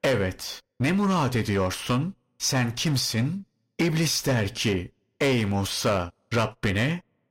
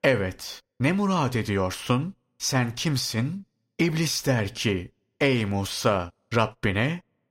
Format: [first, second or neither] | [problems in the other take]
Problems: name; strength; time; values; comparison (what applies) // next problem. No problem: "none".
second | distortion; slight; 8% of the sound clipped